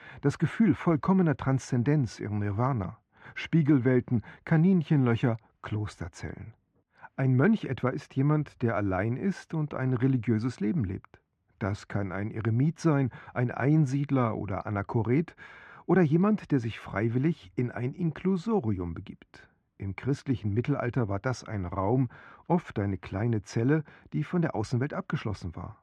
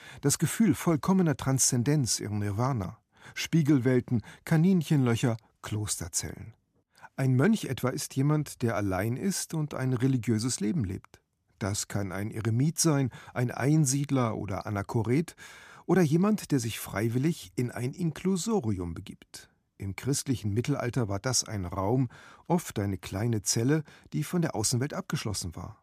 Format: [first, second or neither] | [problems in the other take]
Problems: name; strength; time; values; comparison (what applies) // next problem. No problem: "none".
second | muffled; very; fading above 2 kHz